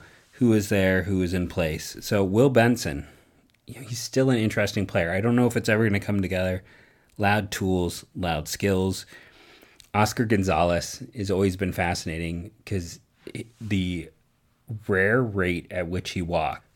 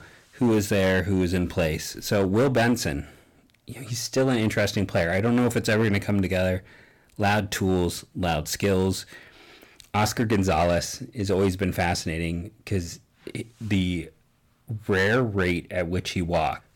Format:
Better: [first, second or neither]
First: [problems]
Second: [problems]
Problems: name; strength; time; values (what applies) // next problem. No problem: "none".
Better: first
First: none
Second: distortion; slight; 8% of the sound clipped